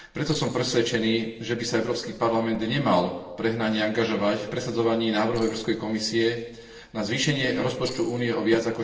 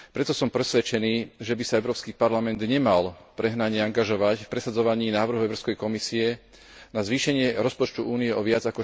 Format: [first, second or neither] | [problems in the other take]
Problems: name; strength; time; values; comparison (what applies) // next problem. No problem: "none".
second | noise reduction (neural separator model SepFormer DNS4)